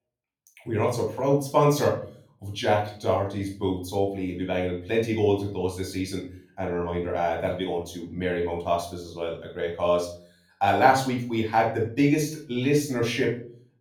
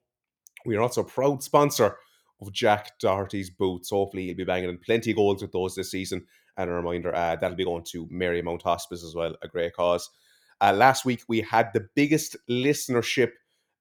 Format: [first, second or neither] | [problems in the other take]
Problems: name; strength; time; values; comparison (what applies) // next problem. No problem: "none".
second | off-mic speech; far // room echo; slight; dies away in 0.4 s